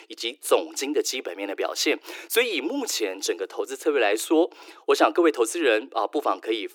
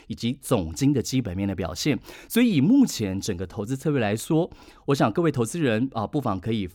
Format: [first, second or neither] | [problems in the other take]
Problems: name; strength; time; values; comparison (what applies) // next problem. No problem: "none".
second | thin; very; fading below 300 Hz